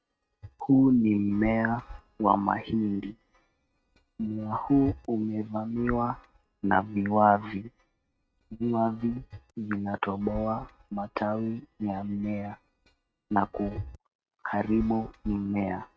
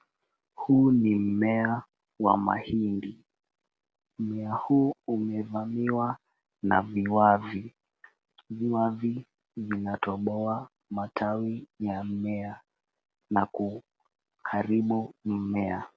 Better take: second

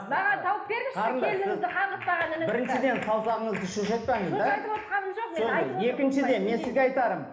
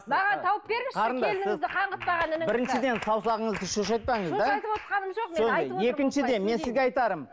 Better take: second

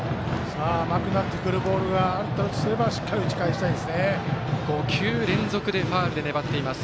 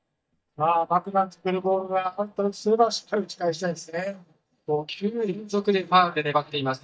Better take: first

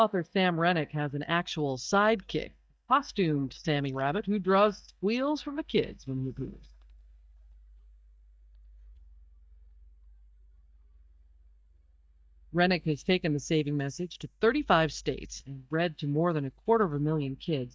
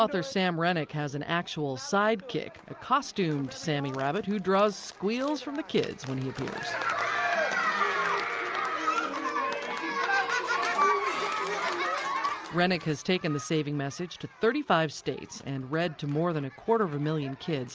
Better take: second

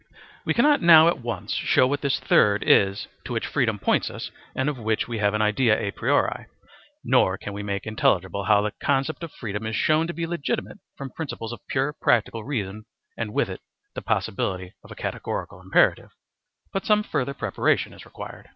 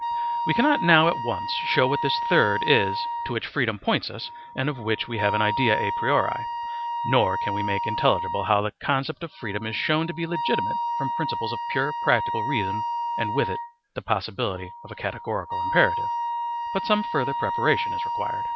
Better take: first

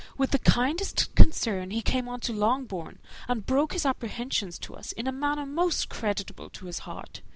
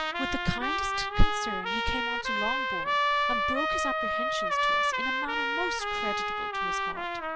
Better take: first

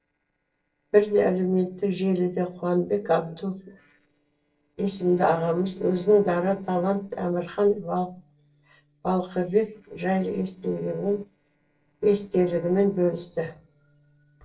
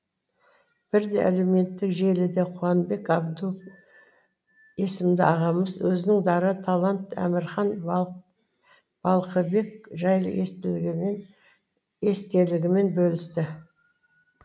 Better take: second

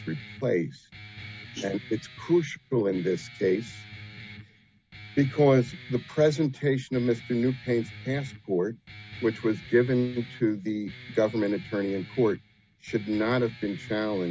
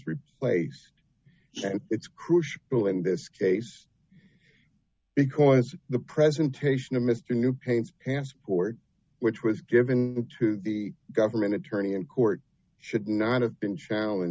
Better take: second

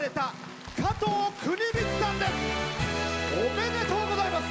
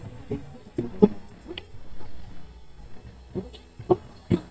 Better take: first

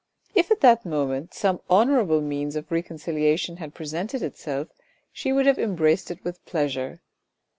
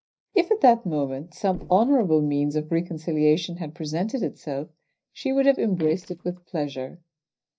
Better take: first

